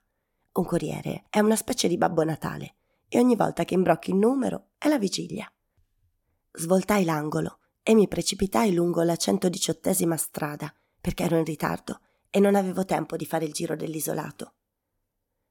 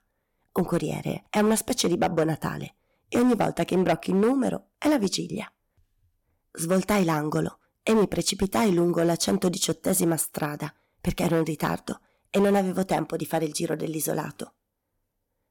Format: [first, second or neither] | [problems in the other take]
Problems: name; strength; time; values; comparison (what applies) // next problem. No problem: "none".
first | distortion; slight; 5% of the sound clipped